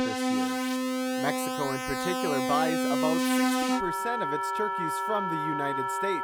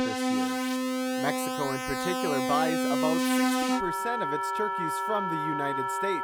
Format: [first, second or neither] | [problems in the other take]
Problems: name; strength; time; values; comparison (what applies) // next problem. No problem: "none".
neither | background music; very loud; throughout; 5 dB above the speech; the same in both